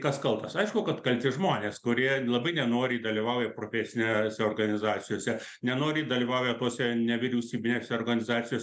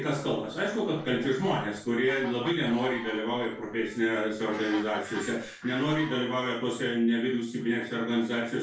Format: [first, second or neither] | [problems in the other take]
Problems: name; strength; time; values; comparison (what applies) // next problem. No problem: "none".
first | background sound (Fowl); 17 dB below the speech // room echo; dies away in 0.3 s